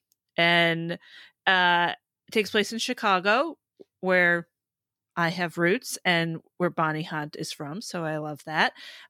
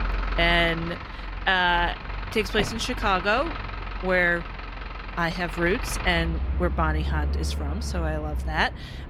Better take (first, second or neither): first